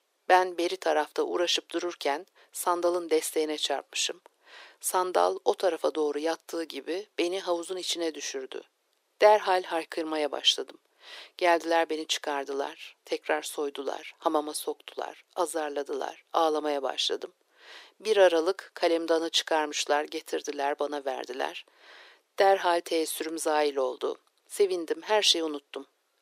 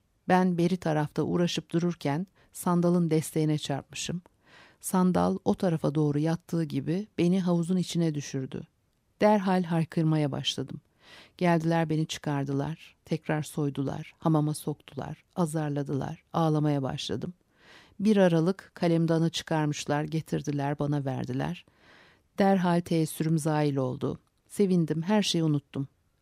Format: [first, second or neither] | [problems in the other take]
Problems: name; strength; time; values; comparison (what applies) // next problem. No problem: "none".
second | thin; very; fading below 350 Hz